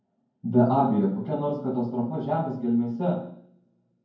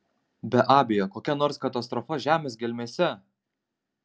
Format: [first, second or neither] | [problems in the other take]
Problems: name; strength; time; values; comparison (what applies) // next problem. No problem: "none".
second | room echo; dies away in 0.9 s